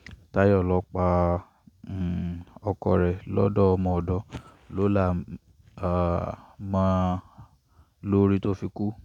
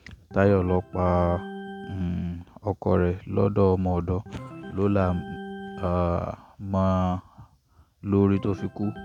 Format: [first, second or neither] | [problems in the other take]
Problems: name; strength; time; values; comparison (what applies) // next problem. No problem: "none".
first | background sound (Organ); 17 dB below the speech